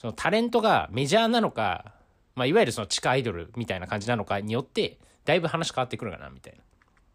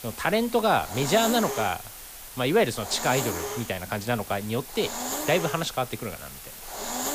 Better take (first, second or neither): first